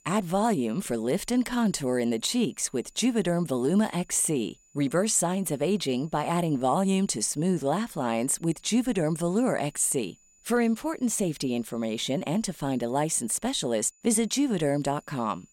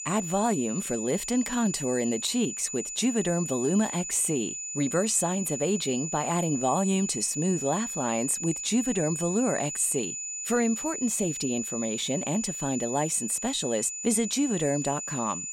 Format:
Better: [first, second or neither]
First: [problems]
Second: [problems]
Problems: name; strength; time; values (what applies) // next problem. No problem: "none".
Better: first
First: high-pitched whine; faint; throughout; 7 kHz, 30 dB below the speech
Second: high-pitched whine; loud; throughout; 7 kHz, 5 dB below the speech